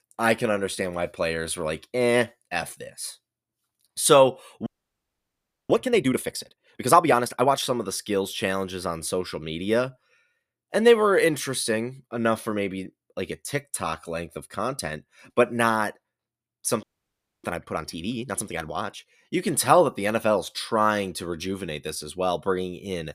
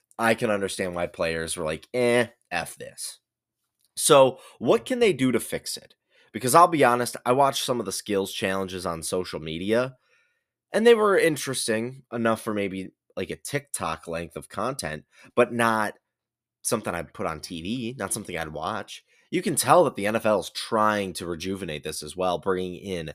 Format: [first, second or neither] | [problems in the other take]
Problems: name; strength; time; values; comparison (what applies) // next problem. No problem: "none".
second | audio freezing; at 4.5 s for 1 s and at 17 s for 0.5 s